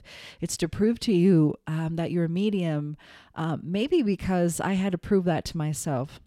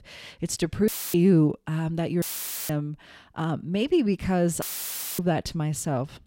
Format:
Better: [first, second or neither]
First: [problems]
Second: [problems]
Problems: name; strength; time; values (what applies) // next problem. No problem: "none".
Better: first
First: none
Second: audio cutting out; filled with static; at 1 s, at 2 s and at 4.5 s for 0.5 s